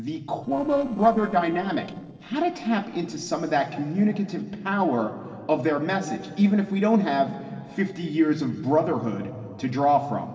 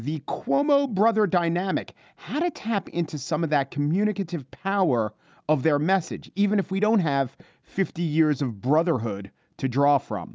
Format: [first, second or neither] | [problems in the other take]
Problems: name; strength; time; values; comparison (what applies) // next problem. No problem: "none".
second | noise reduction (neural separator model SepFormer DNS4)